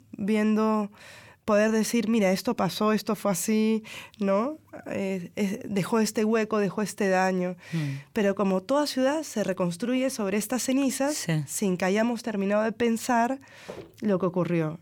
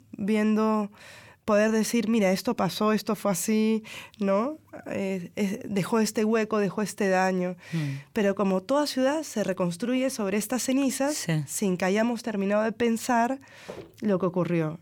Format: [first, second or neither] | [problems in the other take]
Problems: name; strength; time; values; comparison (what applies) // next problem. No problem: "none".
neither | footsteps; faint; at 14 s; peak 15 dB below the speech; the same in both